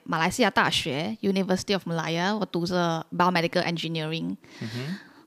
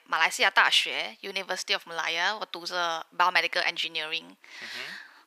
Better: first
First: none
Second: thin; very; fading below 750 Hz

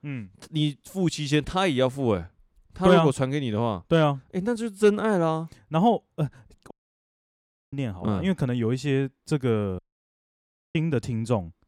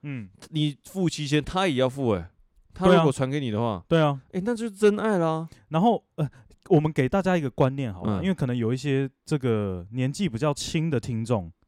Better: second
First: audio cutting out; at 6.5 s for 1 s and at 10 s for 1 s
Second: none

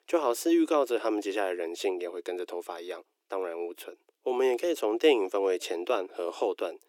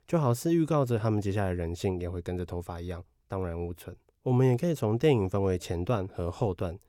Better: second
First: thin; very; fading below 300 Hz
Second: none

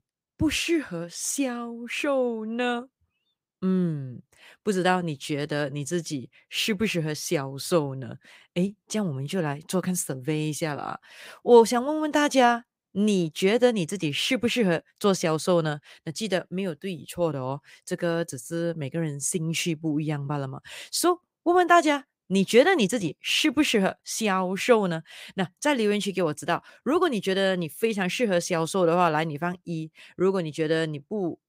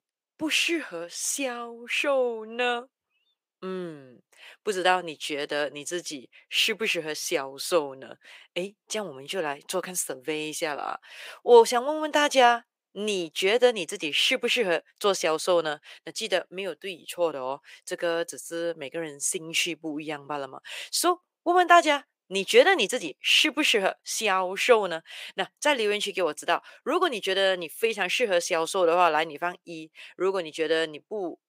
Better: first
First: none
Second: thin; somewhat; fading below 500 Hz

